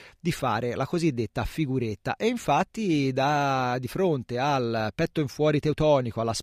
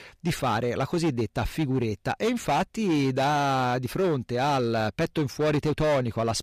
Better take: first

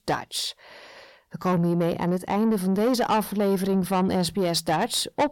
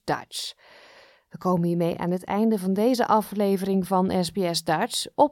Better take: second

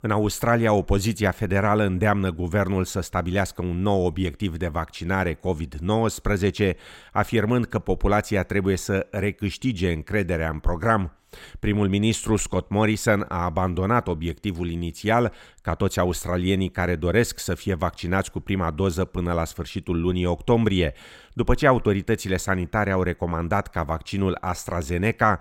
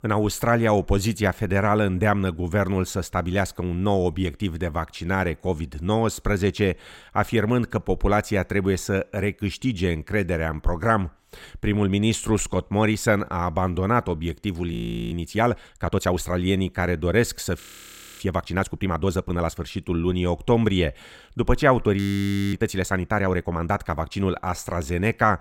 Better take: first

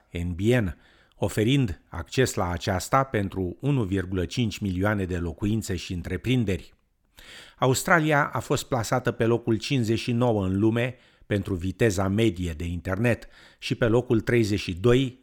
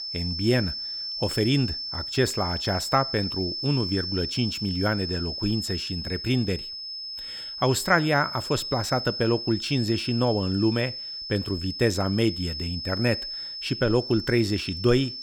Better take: first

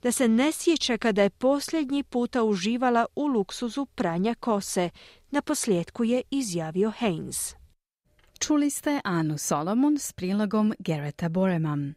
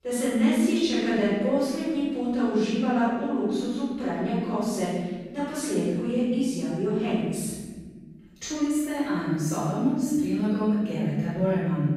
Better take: first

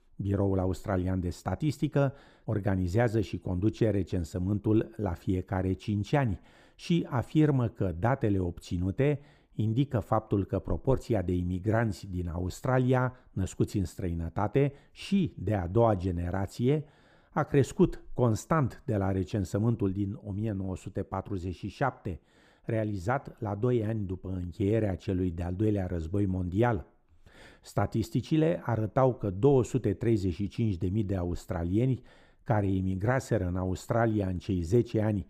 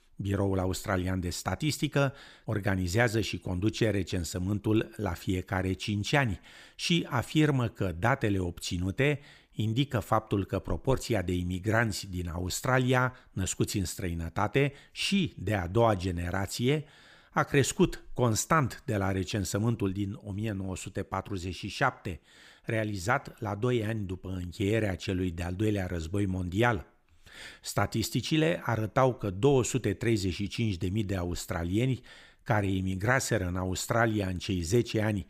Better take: second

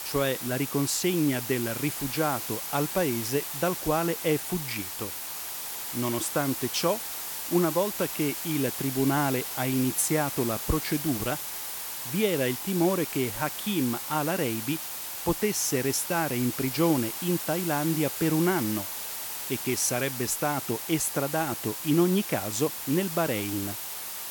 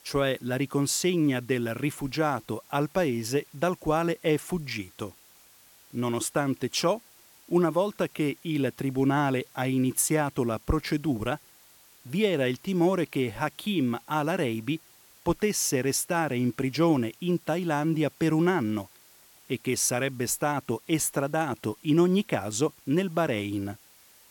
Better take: second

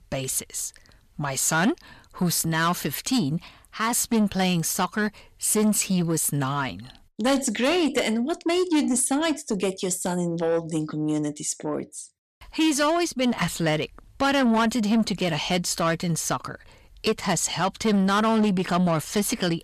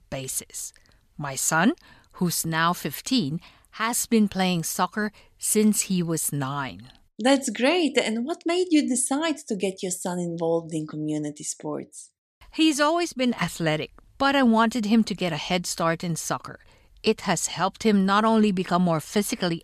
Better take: second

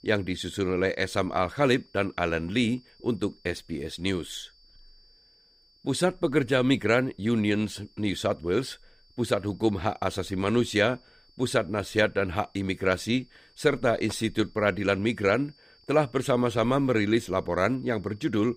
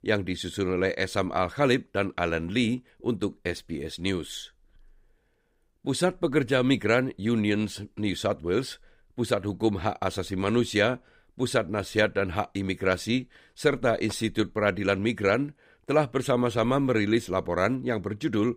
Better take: second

